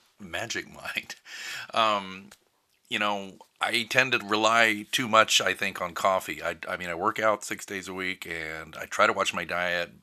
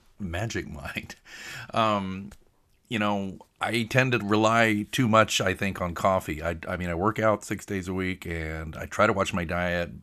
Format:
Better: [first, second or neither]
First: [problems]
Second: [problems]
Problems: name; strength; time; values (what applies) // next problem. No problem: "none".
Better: second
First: thin; somewhat; fading below 800 Hz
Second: none